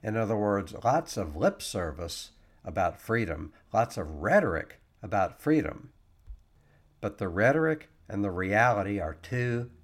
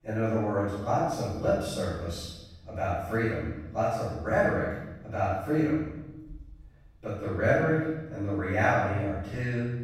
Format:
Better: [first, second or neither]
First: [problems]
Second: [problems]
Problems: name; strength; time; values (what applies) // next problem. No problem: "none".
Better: first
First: none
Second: off-mic speech; far // room echo; strong; dies away in 1 s